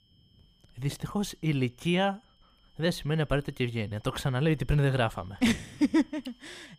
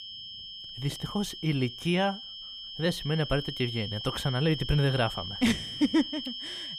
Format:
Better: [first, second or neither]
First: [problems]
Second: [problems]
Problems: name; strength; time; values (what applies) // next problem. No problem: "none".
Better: first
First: high-pitched whine; faint; throughout; 3 kHz, 35 dB below the speech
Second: high-pitched whine; loud; throughout; 3 kHz, 8 dB below the speech